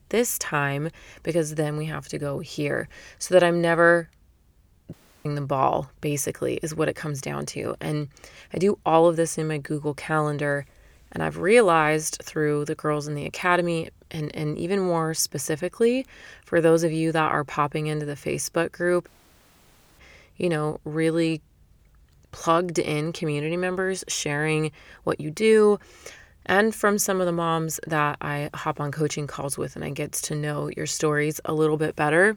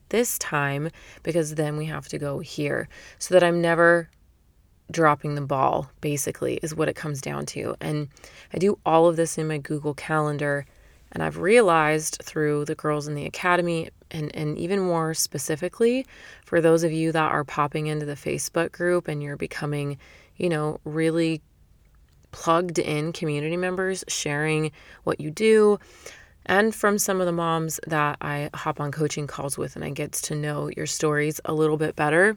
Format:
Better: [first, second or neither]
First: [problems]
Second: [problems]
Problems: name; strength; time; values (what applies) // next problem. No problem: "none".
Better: second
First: audio cutting out; at 5 s and at 19 s for 1 s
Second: none